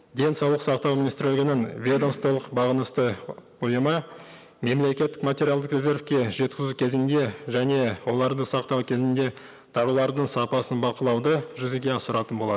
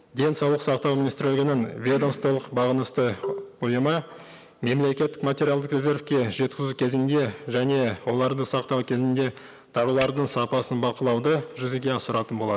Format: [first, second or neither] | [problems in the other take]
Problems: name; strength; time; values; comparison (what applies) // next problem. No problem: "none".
first | background sound (Marimba, xylophone + Shatter); 13 dB below the speech